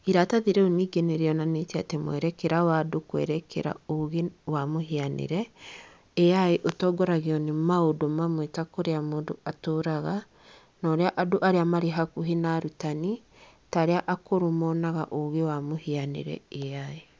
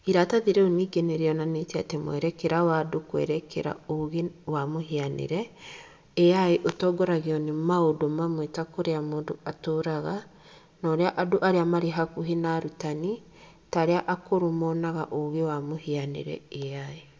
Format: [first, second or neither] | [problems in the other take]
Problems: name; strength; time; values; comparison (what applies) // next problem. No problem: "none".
first | room echo; dies away in 0.9 s